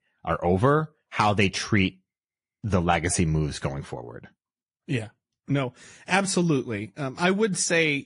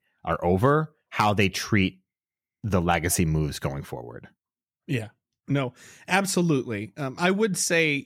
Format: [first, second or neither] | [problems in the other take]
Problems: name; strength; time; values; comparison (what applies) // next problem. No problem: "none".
second | garbled, watery; slightly; nothing above 10.5 kHz